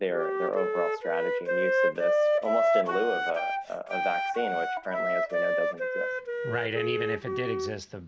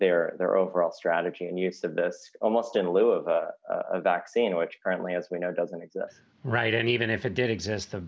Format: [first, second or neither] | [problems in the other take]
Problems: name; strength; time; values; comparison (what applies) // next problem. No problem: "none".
second | background sound (Wind instrument, woodwind instrument); 4 dB above the speech